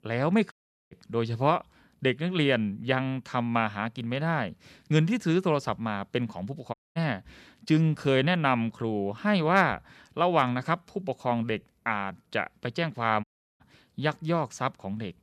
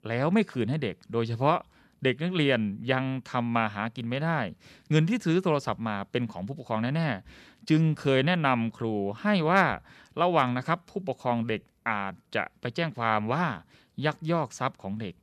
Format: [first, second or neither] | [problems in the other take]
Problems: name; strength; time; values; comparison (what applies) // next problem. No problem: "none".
second | audio cutting out; at 0.5 s, at 6.5 s and at 13 s